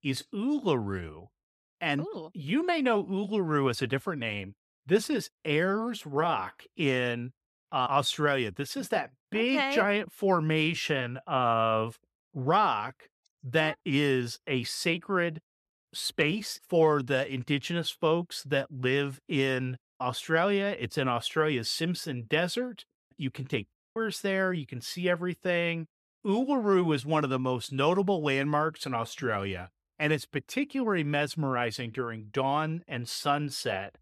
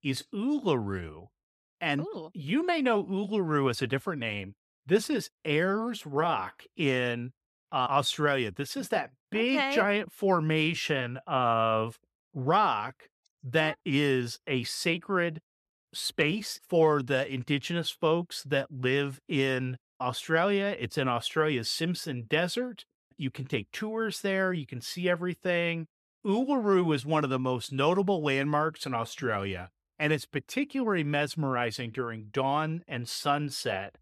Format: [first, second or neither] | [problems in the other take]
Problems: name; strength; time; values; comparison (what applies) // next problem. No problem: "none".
second | audio cutting out; at 24 s